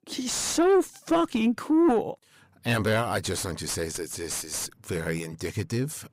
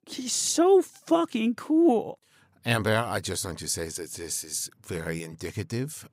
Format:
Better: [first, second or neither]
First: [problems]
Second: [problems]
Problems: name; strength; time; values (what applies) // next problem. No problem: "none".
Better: second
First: distortion; slight; 9 dB below the speech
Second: none